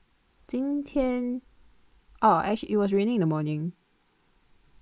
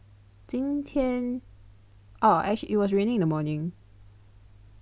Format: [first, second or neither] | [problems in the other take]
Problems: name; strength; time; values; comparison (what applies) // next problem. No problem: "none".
second | noise reduction (neural mask model Resemble Enhance denoiser)